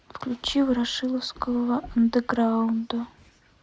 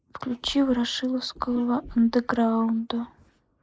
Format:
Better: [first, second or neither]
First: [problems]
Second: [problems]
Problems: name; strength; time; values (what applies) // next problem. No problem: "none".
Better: first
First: none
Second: noise reduction (neural mask model Resemble Enhance denoiser)